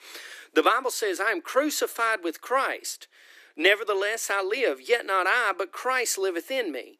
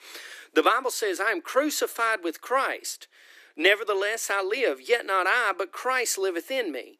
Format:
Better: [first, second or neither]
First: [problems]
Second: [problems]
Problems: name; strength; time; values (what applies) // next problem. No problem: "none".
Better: neither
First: thin; somewhat; fading below 300 Hz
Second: thin; somewhat; fading below 300 Hz